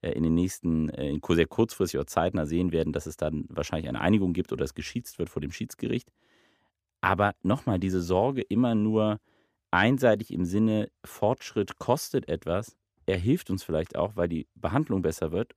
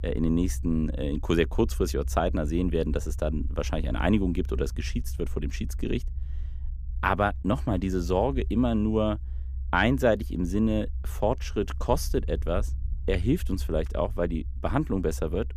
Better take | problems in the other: first | low rumble; faint; throughout; 25 dB below the speech

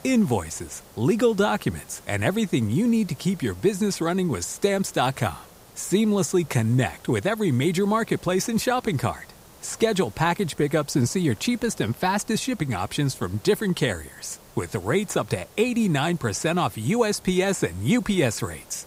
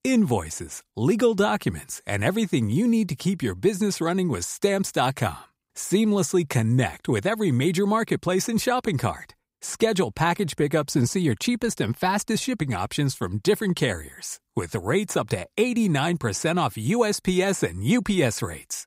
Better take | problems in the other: second | hiss; faint; throughout; 25 dB below the speech

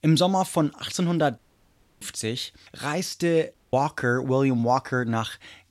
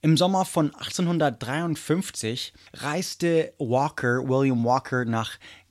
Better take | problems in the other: second | audio cutting out; at 1.5 s for 0.5 s and at 3.5 s

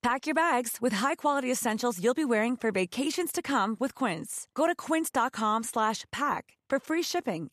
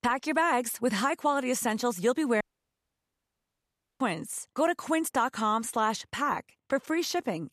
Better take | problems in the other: first | audio cutting out; at 2.5 s for 1.5 s

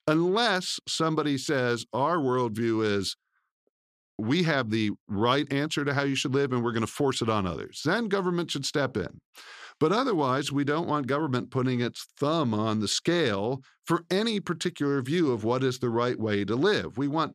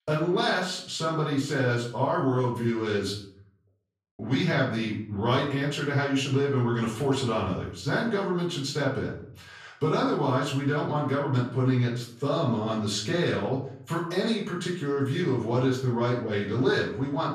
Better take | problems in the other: first | off-mic speech; far // room echo; noticeable; dies away in 0.5 s

